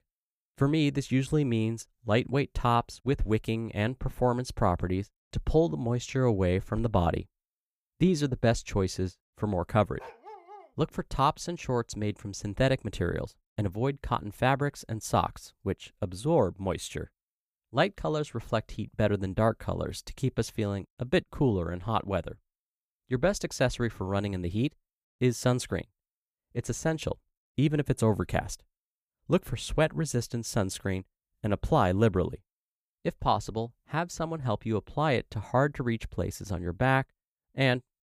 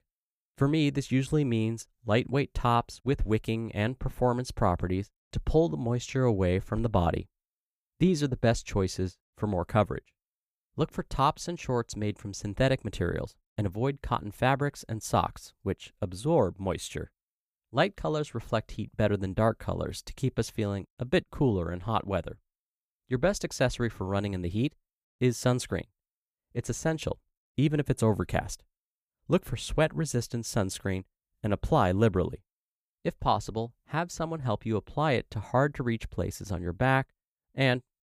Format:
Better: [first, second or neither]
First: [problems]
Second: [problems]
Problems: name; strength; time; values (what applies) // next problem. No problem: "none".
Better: second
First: dog barking; faint; at 10 s; peak 15 dB below the speech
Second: none